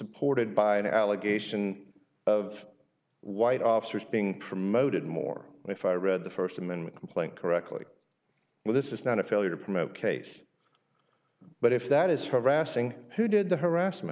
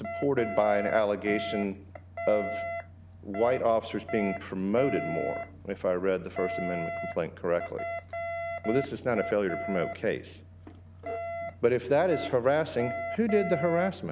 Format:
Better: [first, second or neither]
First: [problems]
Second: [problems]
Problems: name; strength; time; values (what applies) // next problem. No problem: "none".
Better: first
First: none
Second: background sound (Alarm); 8 dB below the speech